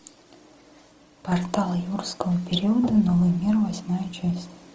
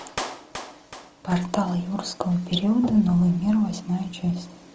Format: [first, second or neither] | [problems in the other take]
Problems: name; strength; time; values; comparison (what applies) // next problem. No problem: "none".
first | background sound (Clapping); 17 dB below the speech